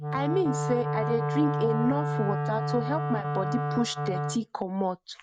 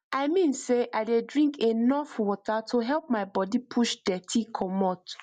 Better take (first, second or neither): second